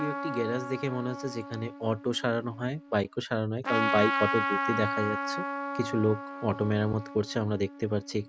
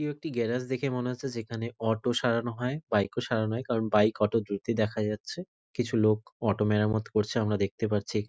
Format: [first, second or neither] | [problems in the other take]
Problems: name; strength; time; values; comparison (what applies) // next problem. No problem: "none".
second | background sound (Trumpet); 4 dB below the speech